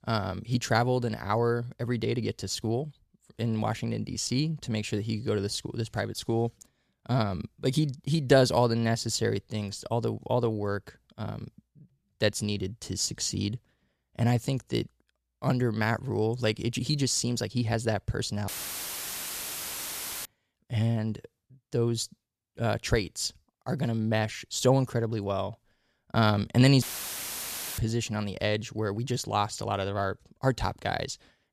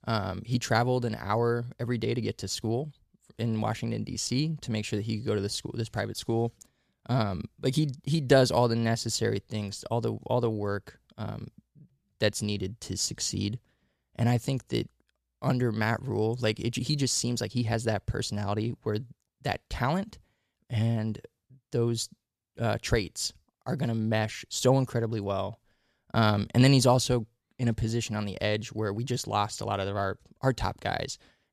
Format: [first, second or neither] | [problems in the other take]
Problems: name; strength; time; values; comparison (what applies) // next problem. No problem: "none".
second | audio cutting out; filled with static; at 18 s for 2 s and at 27 s for 1 s